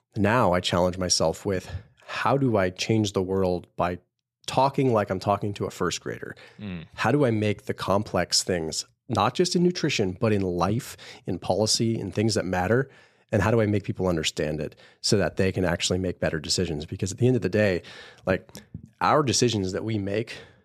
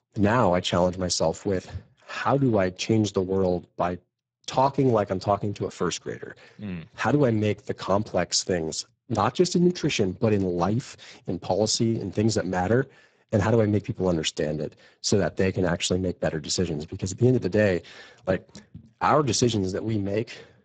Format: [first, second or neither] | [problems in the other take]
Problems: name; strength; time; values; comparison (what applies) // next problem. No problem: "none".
first | garbled, watery; badly; nothing above 7.5 kHz